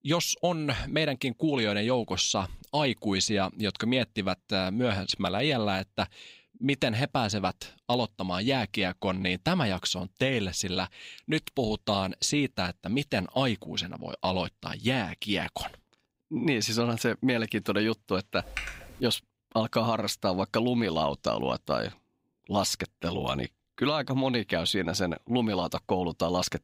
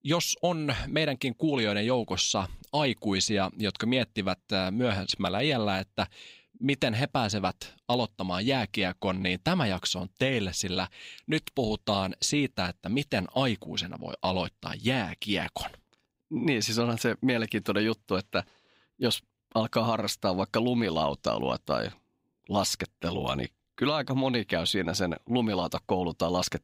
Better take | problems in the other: second | keyboard typing; noticeable; at 18 s; peak 7 dB below the speech

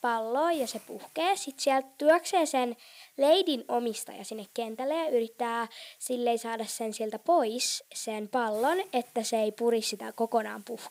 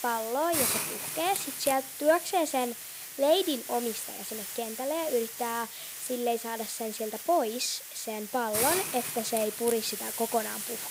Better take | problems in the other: first | hiss; loud; throughout; 3 dB below the speech; faint in the first

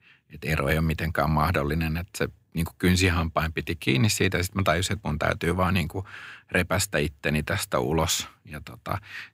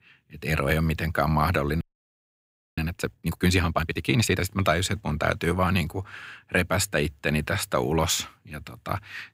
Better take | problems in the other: first | audio freezing; at 2 s for 1 s

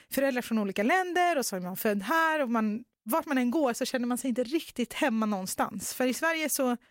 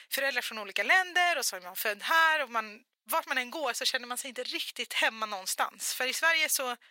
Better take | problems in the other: first | thin; very; fading below 800 Hz

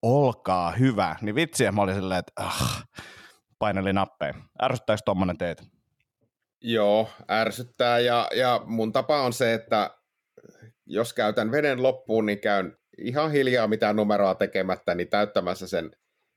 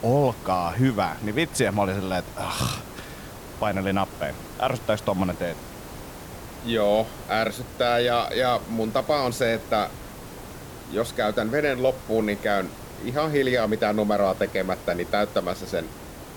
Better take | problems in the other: first | hiss; noticeable; throughout; 15 dB below the speech

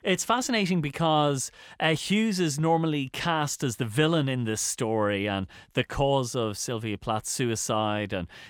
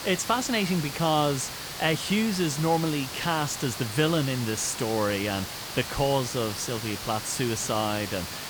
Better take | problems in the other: first | hiss; loud; throughout; 7 dB below the speech

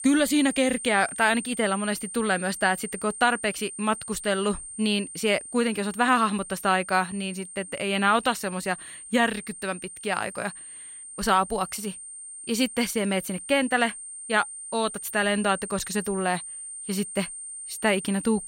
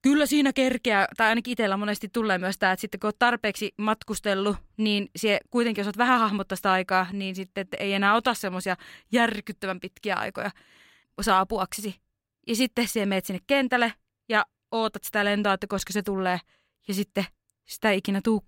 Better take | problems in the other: second | high-pitched whine; noticeable; throughout; 9 kHz, 10 dB below the speech

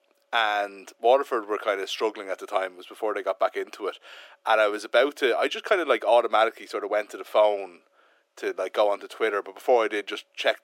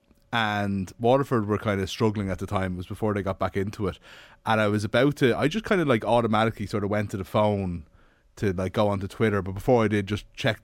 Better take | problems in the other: second | thin; very; fading below 350 Hz

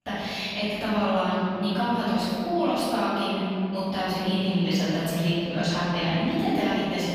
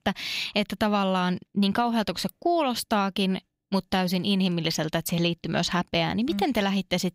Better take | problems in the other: second | room echo; strong; dies away in 2.4 s // off-mic speech; far

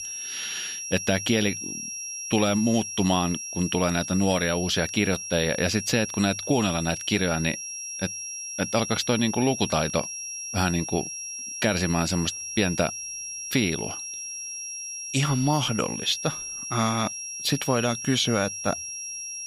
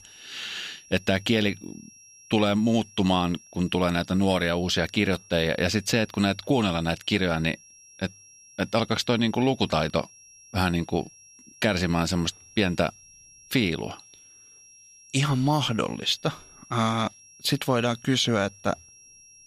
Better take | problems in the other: second | high-pitched whine; loud; throughout; 5.5 kHz, 6 dB below the speech; faint in the second

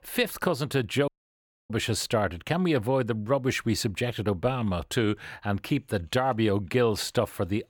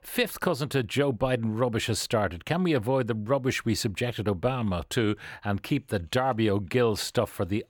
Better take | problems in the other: second | audio cutting out; at 1 s for 0.5 s

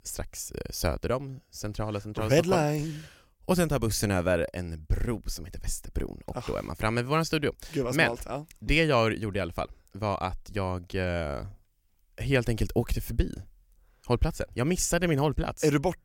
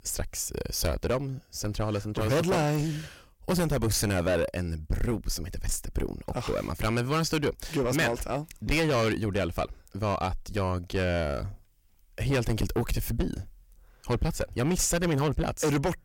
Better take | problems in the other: first | distortion; heavy; 6 dB below the speech

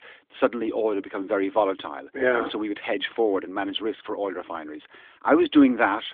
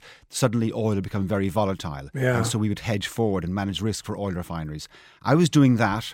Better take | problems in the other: second | phone-call audio; nothing above 3.5 kHz

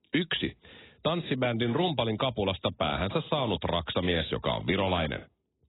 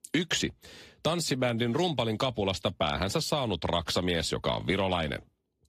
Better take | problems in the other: second | garbled, watery; badly; nothing above 4 kHz; slightly in the second

